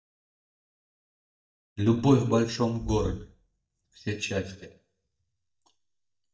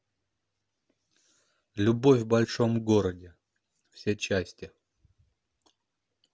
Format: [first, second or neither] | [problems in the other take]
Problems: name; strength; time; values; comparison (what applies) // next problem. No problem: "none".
second | noise reduction (neural mask model DeepFilterNet 3)